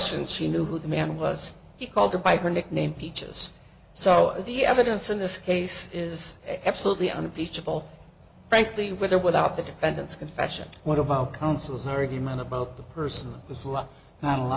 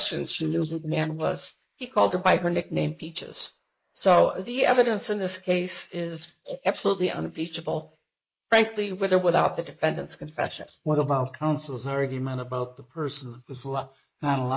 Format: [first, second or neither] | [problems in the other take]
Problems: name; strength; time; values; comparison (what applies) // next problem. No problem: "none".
first | noise reduction (neural mask model Resemble Enhance denoiser)